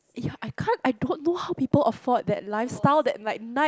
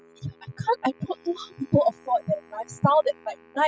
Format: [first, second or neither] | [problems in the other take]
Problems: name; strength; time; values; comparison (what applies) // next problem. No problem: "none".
first | noise reduction (classical method spectral subtraction)